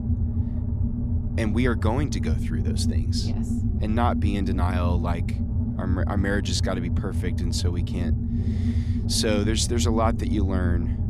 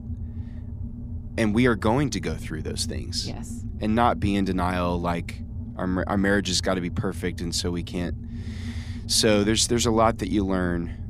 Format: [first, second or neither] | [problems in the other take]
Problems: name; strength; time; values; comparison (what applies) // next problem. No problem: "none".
second | low rumble; loud; throughout; 7 dB below the speech; faint in the second